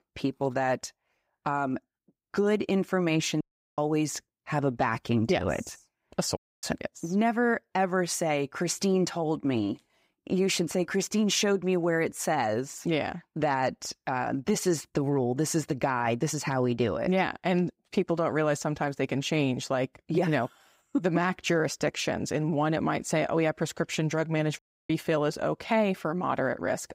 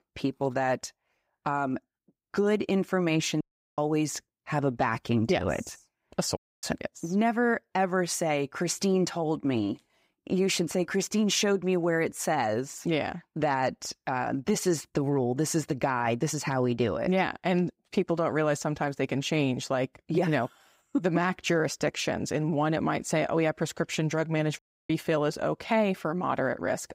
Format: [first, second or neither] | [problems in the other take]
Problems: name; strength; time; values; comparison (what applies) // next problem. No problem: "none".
neither | audio cutting out; at 3.5 s, at 6.5 s and at 25 s; the same in both